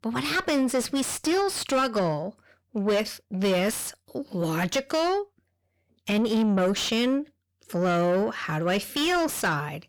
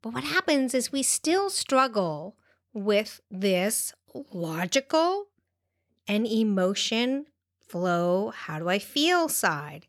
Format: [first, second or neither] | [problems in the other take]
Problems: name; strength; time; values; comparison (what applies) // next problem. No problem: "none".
second | distortion; heavy; 7 dB below the speech